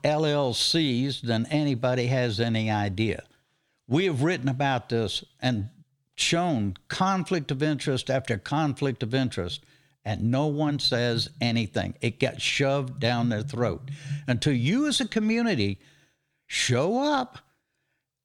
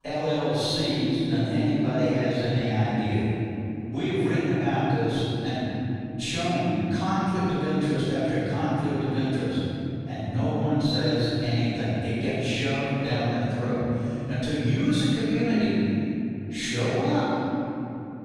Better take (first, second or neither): first